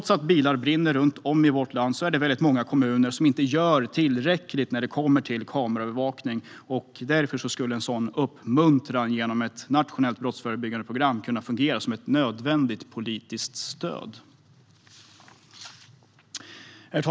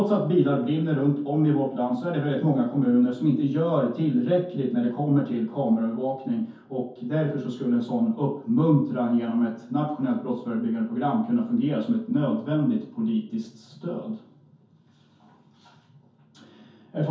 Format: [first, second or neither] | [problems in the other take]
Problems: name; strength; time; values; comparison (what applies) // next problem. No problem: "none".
first | room echo; dies away in 0.6 s